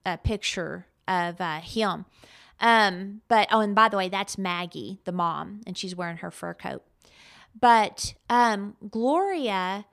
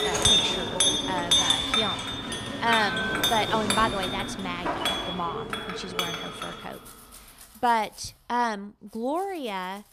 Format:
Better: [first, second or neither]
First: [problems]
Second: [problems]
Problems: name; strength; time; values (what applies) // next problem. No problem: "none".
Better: first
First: none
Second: household noises; very loud; throughout; 5 dB above the speech